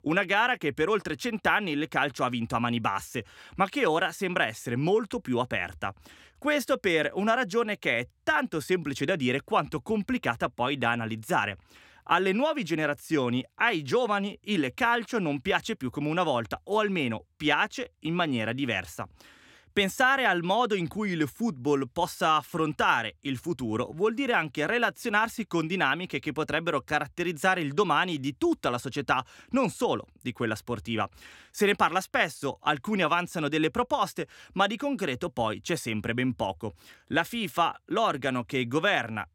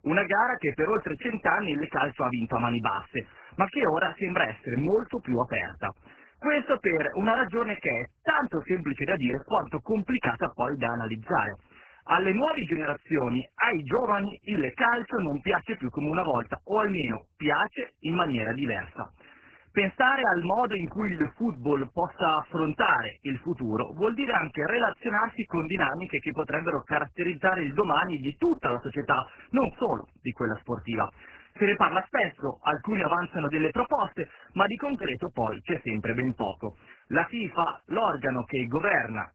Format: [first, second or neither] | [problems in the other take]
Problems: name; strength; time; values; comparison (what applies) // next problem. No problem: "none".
first | garbled, watery; badly; nothing above 3 kHz